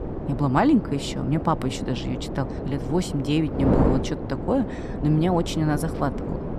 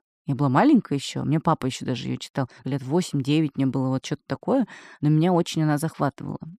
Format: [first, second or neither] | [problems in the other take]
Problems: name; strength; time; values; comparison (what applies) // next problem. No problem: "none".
second | wind noise on the microphone; heavy; 5 dB below the speech